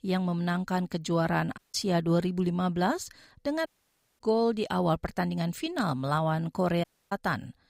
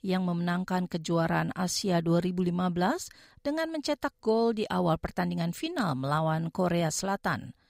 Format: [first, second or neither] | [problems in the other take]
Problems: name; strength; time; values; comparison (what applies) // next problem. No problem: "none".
second | audio cutting out; at 1.5 s, at 3.5 s for 0.5 s and at 7 s